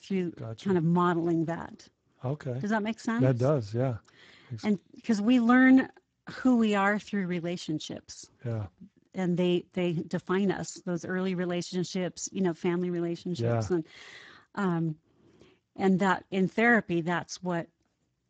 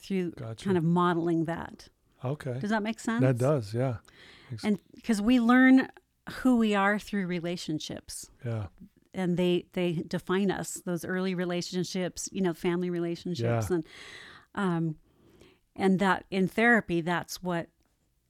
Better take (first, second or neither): second